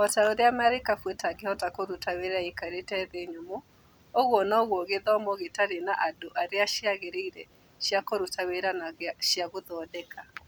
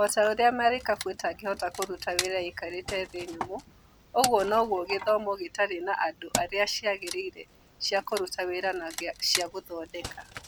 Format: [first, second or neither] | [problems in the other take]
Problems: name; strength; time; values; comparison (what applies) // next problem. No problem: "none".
first | background sound (Wood); 11 dB below the speech